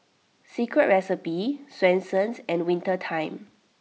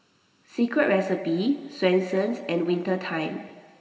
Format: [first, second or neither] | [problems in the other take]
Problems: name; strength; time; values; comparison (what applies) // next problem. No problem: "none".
first | room echo; dies away in 2.8 s